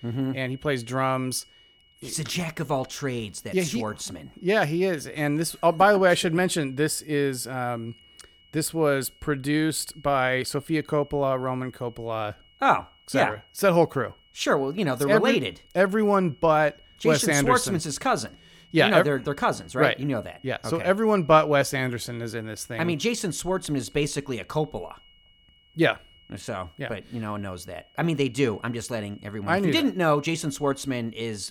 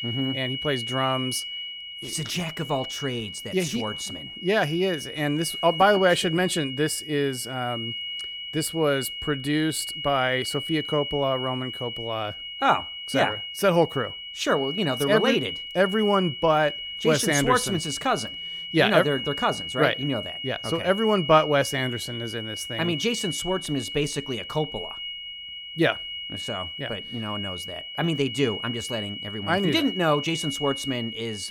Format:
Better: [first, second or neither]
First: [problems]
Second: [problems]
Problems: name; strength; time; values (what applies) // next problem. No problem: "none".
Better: first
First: high-pitched whine; faint; throughout; 3 kHz, 30 dB below the speech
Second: high-pitched whine; loud; throughout; 3 kHz, 7 dB below the speech